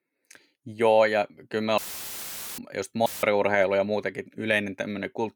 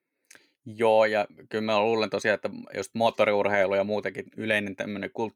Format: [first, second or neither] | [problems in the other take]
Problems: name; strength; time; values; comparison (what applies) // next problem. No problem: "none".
second | audio cutting out; filled with static; at 2 s for 1 s and at 3 s